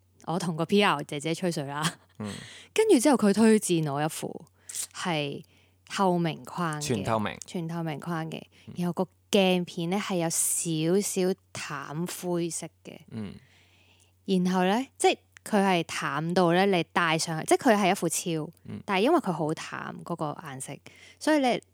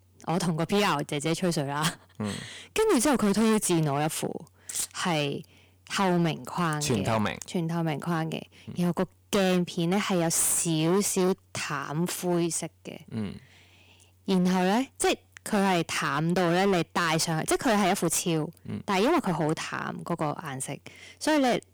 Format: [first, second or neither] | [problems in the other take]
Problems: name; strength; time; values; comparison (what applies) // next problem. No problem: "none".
first | distortion; heavy; 13% of the sound clipped